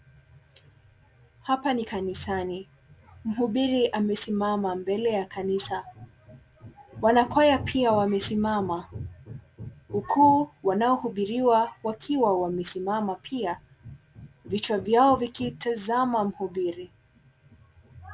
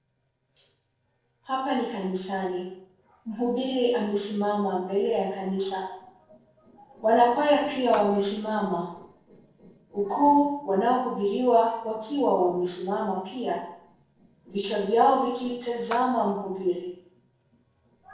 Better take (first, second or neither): first